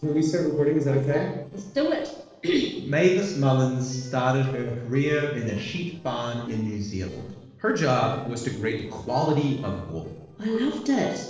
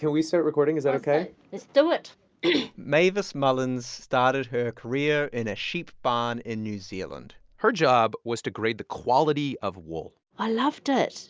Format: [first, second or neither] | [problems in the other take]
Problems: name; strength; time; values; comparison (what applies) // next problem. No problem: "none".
second | noise reduction (neural separator model SepFormer DNS4)